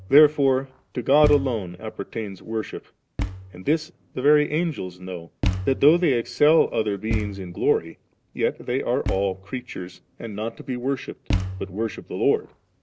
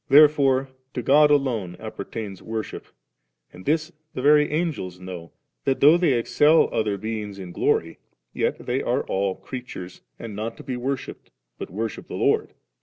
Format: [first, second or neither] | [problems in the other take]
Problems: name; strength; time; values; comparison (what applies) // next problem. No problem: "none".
second | background sound (Thump, thud); 9 dB below the speech